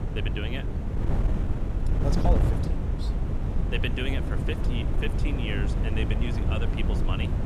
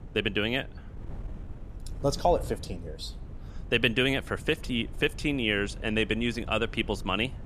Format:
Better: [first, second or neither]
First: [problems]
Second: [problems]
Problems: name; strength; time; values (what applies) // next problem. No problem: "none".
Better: second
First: wind noise on the microphone; heavy; 3 dB below the speech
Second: wind noise on the microphone; occasional gusts; 25 dB below the speech